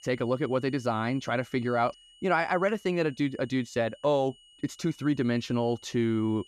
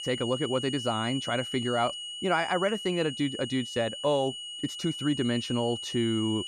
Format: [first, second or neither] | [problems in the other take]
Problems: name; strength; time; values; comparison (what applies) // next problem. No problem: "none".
first | high-pitched whine; loud; throughout; 3 kHz, 6 dB below the speech; faint in the first